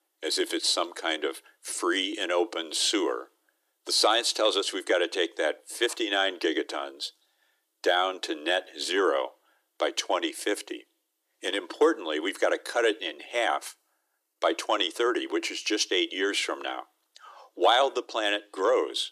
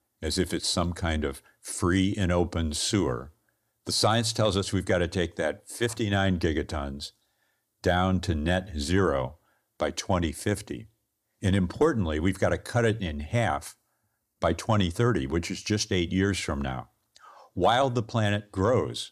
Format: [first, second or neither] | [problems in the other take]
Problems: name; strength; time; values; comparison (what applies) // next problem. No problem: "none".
second | thin; very; fading below 300 Hz